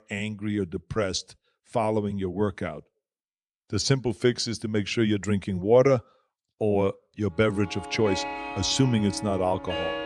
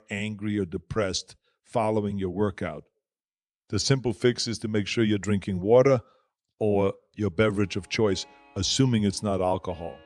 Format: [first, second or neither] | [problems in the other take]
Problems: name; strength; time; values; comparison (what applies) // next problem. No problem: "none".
second | background music; loud; from 8 s on; 9 dB below the speech; faint in the second